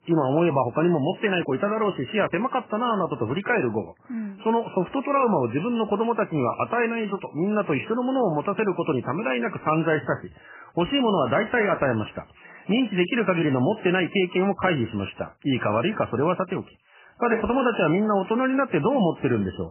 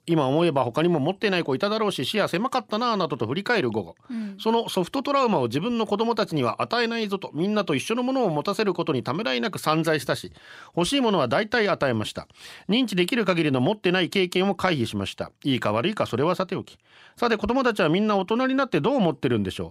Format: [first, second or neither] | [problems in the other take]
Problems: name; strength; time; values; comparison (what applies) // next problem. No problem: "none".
second | garbled, watery; badly; nothing above 3 kHz